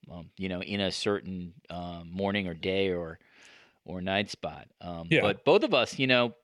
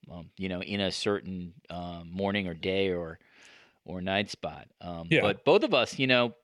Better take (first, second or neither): neither